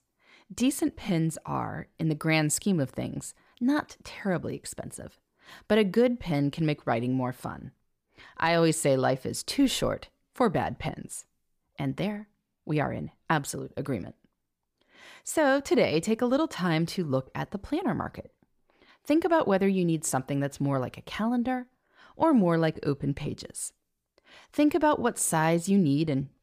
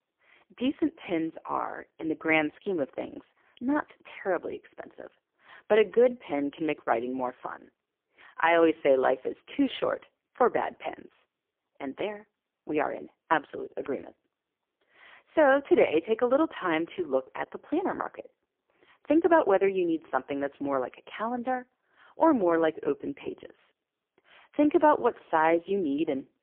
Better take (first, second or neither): first